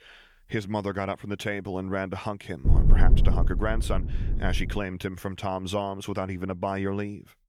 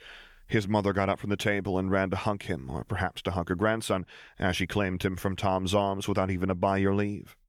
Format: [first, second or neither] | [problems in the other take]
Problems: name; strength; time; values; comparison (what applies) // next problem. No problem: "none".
second | low rumble; loud; from 2.5 to 5 s; 9 dB below the speech